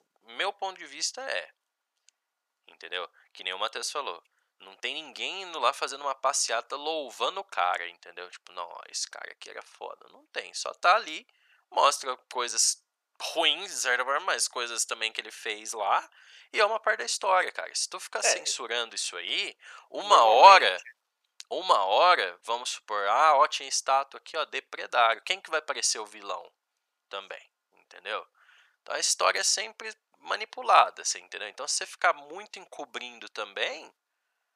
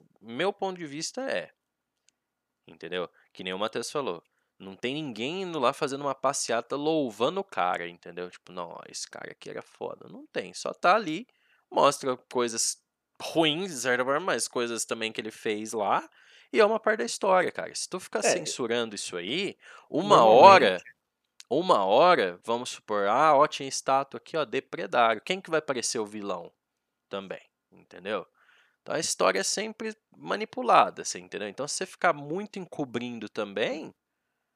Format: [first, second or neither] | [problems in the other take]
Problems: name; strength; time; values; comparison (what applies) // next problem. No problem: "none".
second | thin; very; fading below 850 Hz